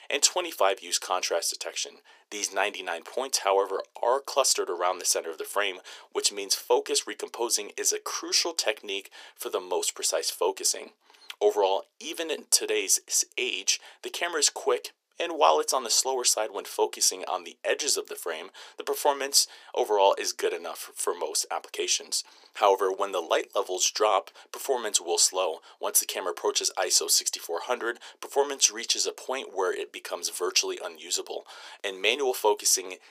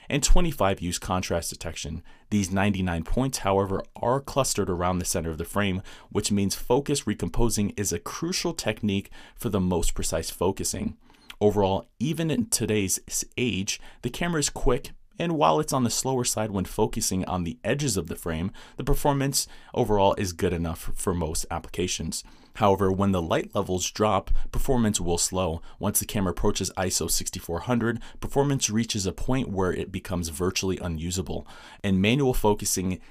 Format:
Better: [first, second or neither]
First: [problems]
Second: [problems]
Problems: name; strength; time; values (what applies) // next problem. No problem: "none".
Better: second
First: thin; very; fading below 400 Hz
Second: none